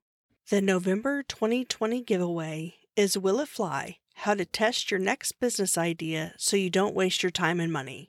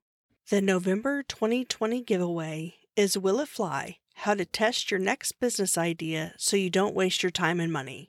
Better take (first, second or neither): neither